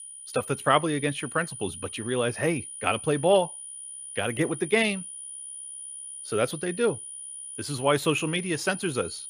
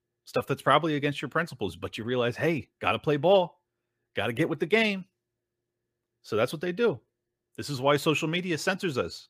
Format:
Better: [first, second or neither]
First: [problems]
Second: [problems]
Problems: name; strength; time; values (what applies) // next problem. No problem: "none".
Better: second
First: high-pitched whine; noticeable; throughout; 9.5 kHz, 10 dB below the speech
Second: none